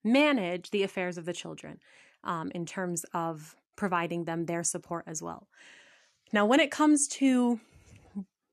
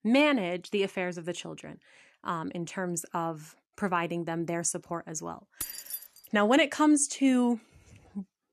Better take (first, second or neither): first